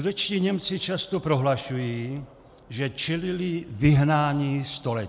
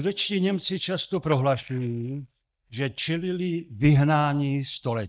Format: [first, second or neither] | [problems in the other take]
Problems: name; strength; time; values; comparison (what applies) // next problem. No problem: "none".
first | noise reduction (neural mask model DeepFilterNet 3)